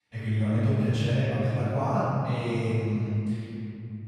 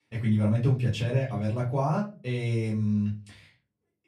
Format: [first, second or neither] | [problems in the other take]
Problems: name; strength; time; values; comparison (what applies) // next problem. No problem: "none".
second | room echo; strong; dies away in 3 s; slight in the second // off-mic speech; far; far in the second